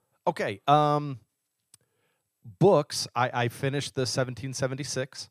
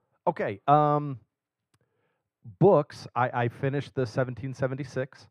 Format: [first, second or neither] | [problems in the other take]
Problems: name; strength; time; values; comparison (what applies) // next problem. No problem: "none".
first | muffled; very; fading above 3.5 kHz